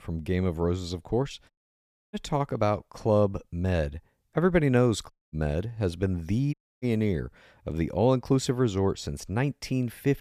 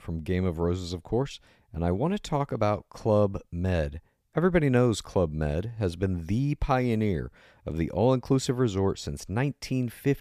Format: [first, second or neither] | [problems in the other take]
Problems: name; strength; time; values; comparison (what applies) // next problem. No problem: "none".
second | audio cutting out; at 1.5 s for 0.5 s, at 5 s and at 6.5 s